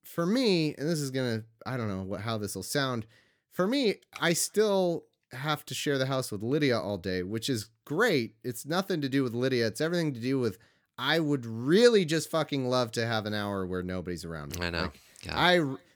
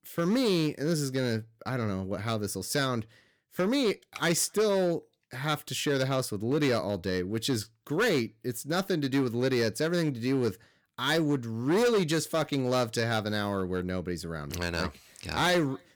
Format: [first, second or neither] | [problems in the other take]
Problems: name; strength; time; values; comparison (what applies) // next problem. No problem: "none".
first | distortion; slight; 7% of the sound clipped